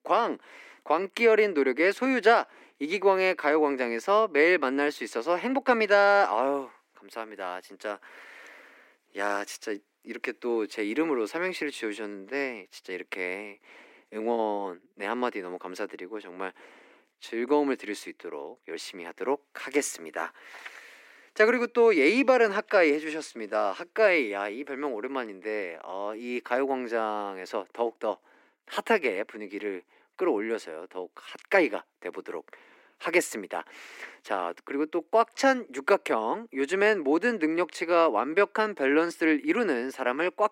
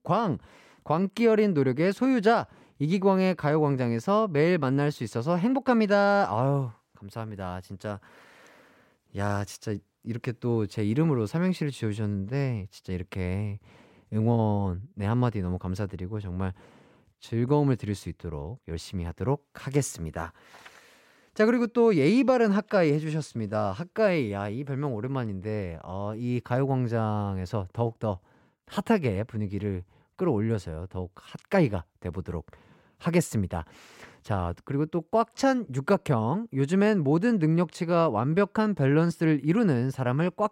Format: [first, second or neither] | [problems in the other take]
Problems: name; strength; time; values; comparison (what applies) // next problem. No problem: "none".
second | thin; somewhat; fading below 300 Hz